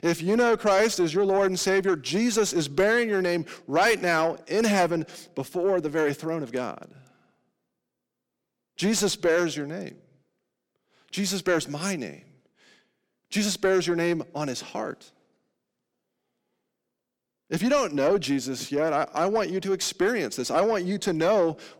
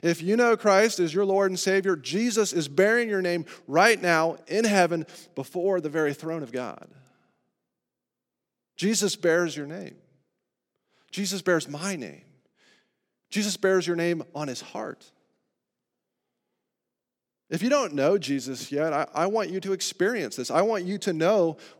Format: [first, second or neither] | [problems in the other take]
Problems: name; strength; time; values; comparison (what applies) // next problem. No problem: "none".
second | distortion; slight; 10 dB below the speech